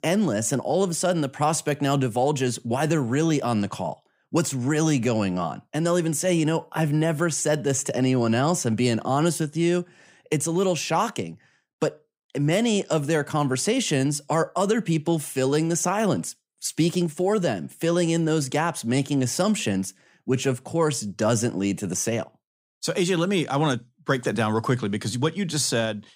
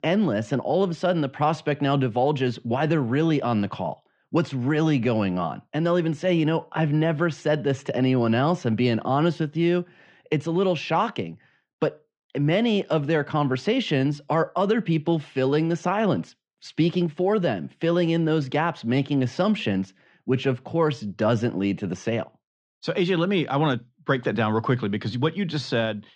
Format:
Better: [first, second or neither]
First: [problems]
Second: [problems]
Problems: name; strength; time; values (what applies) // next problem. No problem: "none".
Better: first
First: none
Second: muffled; slightly; fading above 4 kHz